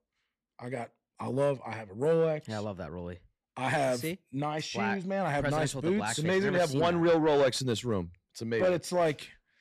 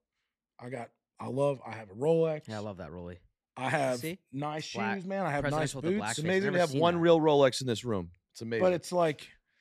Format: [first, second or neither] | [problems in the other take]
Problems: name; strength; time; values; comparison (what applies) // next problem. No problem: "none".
second | distortion; slight; 10 dB below the speech